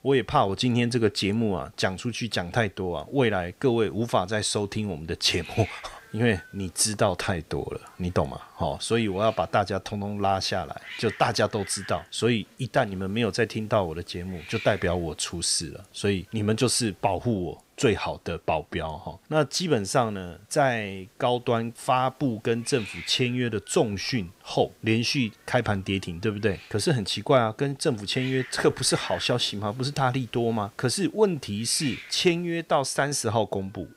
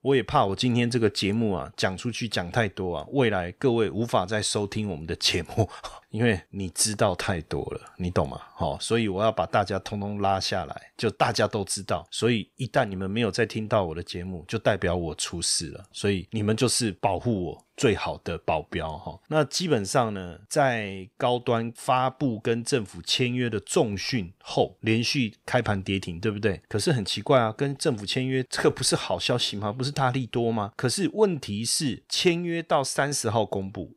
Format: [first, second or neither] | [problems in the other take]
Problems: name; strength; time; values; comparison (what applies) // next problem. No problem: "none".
second | hiss; noticeable; throughout; 20 dB below the speech